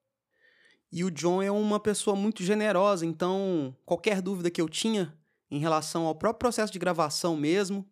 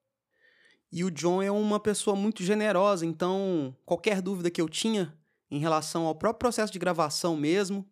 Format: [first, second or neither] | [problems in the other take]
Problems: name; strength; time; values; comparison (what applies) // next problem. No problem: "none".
neither | none